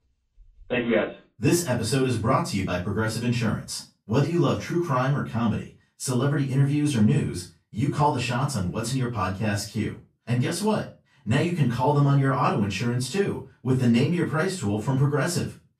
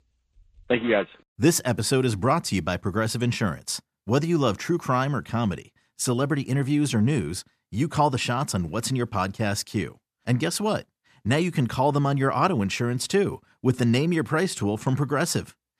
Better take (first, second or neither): second